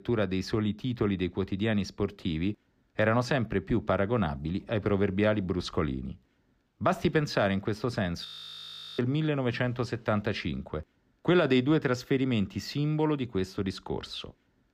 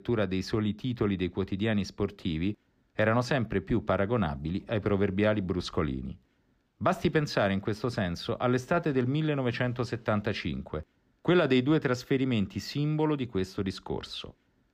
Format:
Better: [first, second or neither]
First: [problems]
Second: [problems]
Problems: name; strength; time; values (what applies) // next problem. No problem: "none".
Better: second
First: audio freezing; at 8.5 s for 0.5 s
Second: none